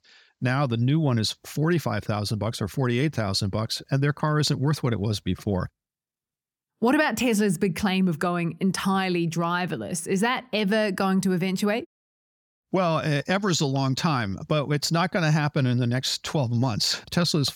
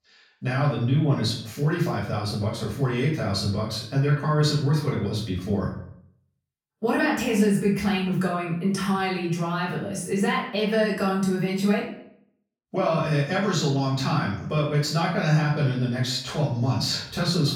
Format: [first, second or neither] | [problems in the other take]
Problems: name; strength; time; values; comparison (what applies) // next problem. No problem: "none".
first | off-mic speech; far // room echo; noticeable; dies away in 0.5 s